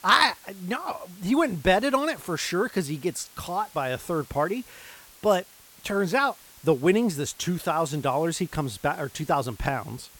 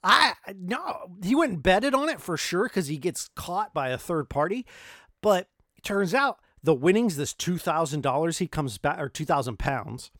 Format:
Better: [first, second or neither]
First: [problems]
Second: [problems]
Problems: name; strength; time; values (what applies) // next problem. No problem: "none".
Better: second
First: hiss; faint; throughout; 20 dB below the speech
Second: none